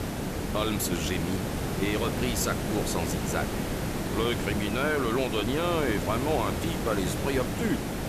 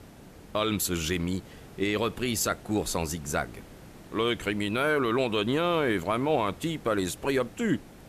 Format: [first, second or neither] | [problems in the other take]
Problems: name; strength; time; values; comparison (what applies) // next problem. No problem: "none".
second | hiss; loud; throughout; 1 dB below the speech; faint in the second